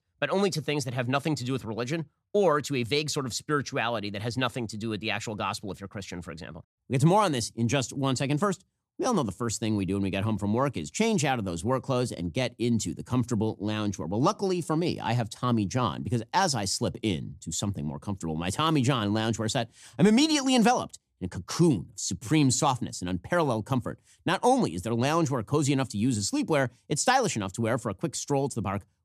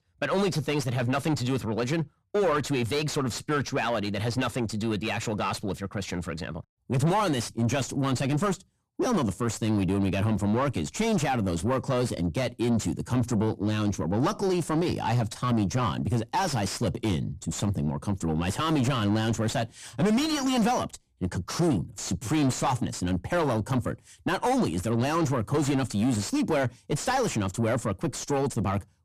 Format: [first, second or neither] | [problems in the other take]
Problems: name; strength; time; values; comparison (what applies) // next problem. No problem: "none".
first | distortion; heavy; 6 dB below the speech